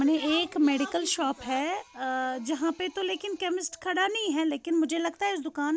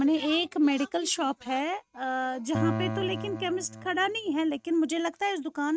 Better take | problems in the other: first | noise reduction (neural mask model RNNoise)

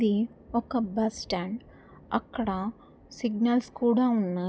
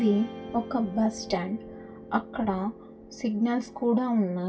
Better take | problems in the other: first | background sound (Guitar); 15 dB below the speech // room echo; dies away in 0.2 s

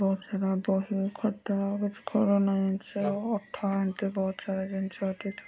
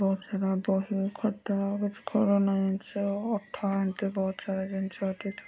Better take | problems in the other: second | background sound (Wind instrument, woodwind instrument); 12 dB below the speech

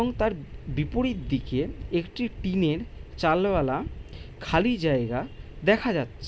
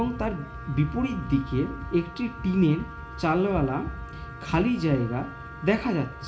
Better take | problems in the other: first | background sound (Wind instrument, woodwind instrument); 17 dB below the speech // room echo; dies away in 0.4 s

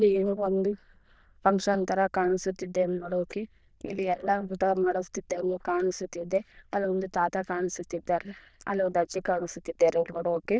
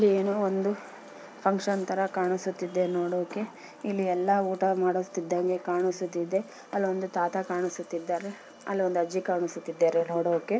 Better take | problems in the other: second | noise reduction (neural diffusion model UNIVERSE++)

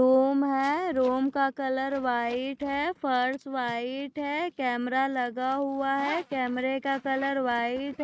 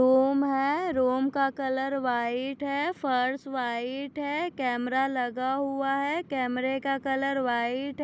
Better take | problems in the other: second | noise reduction (neural mask model RNNoise)

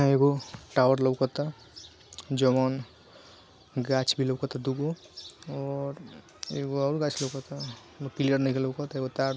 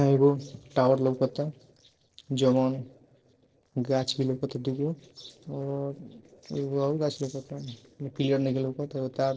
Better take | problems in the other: first | noise reduction (neural separator model SepFormer DNS4)

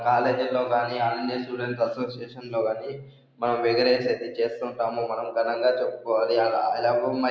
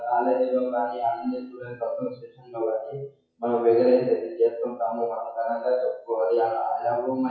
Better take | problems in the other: first | noise reduction (classical method WPE with log-MMSE)

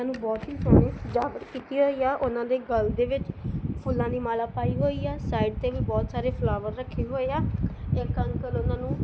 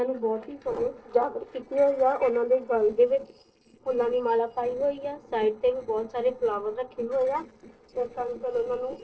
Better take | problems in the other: first | noise reduction (neural separator model SepFormer DNS4)

